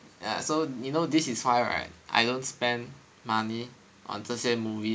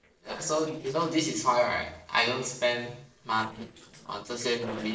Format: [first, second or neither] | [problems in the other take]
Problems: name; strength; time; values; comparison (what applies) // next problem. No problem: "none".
first | noise reduction (neural separator model SepFormer DNS4)